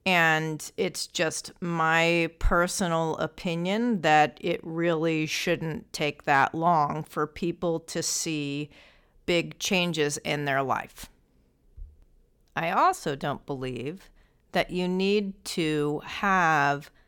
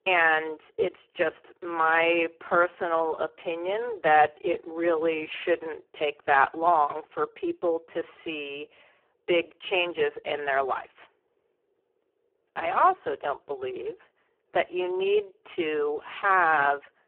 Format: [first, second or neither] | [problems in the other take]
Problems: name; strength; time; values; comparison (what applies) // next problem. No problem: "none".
first | phone-call audio; poor line